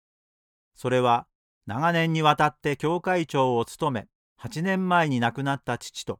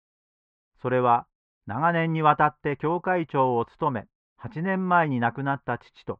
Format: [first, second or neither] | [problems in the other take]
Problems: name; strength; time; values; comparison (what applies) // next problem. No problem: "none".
first | muffled; very; fading above 2 kHz